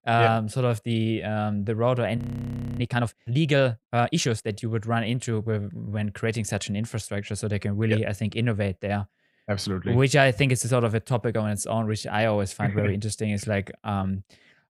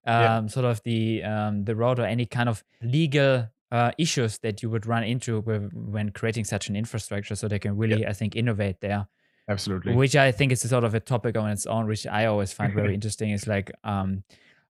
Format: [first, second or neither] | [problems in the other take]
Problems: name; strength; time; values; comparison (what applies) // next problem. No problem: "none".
second | audio freezing; at 2 s for 0.5 s